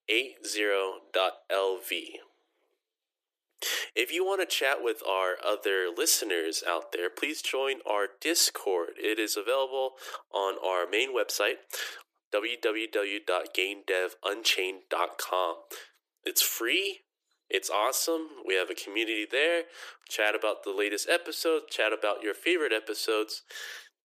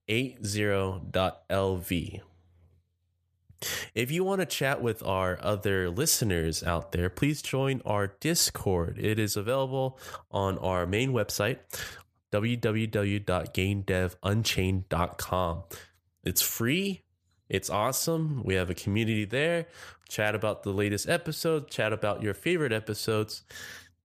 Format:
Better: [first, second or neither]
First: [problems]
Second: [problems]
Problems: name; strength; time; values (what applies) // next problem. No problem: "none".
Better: second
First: thin; very; fading below 300 Hz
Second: none